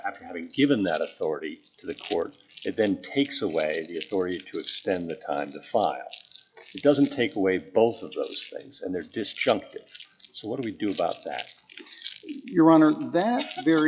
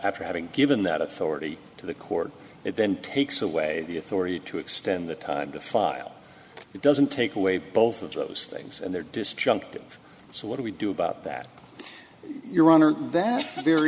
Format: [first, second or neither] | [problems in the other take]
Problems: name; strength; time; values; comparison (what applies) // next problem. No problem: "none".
second | noise reduction (classical method log-MMSE)